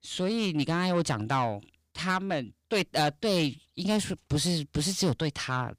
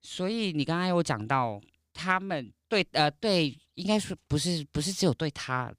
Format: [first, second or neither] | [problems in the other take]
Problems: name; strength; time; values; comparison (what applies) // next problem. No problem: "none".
second | distortion; slight; 10 dB below the speech